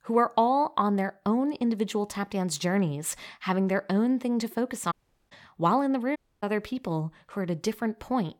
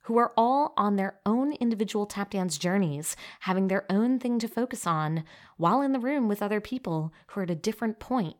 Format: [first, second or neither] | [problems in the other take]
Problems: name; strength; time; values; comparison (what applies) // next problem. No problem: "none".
second | audio cutting out; at 5 s and at 6 s